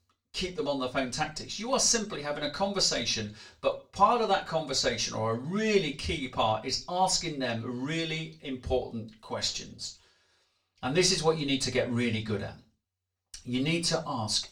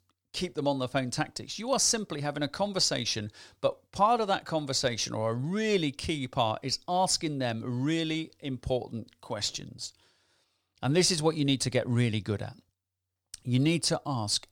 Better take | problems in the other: second | room echo; very slight; dies away in 0.3 s // off-mic speech; far

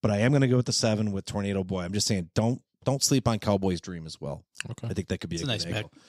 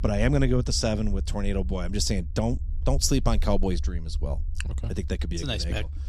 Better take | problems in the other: first | low rumble; faint; throughout; 20 dB below the speech

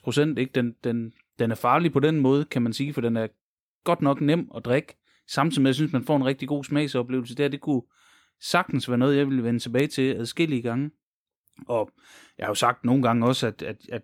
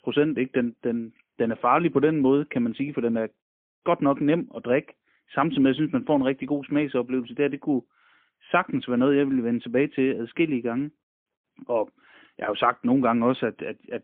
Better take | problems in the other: first | phone-call audio; poor line; nothing above 3.5 kHz

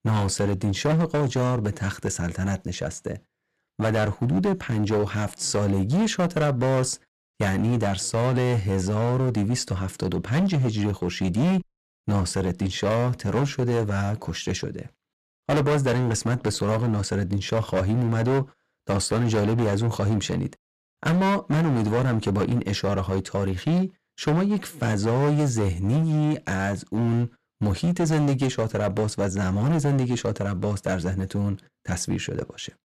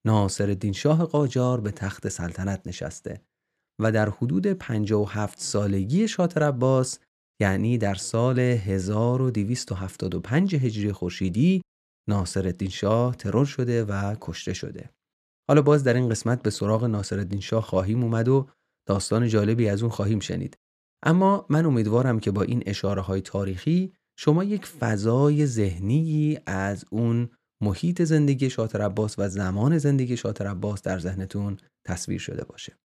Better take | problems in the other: second | distortion; heavy; 15% of the sound clipped

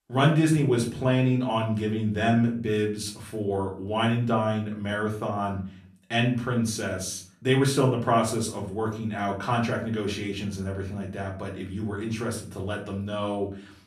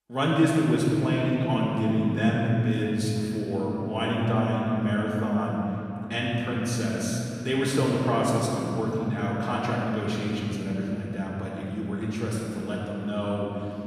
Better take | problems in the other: first | room echo; strong; dies away in 3 s; slight in the first // off-mic speech; far; far in the first

